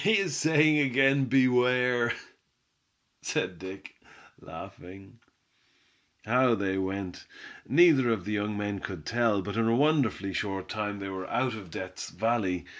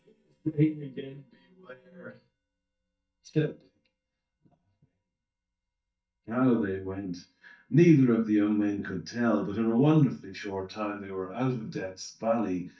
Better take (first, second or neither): first